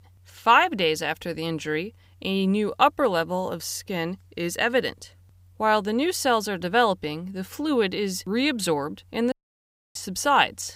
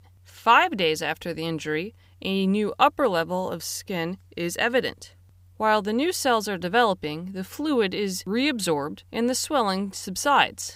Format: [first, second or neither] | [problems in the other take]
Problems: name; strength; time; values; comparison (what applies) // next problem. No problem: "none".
second | audio cutting out; at 9.5 s for 0.5 s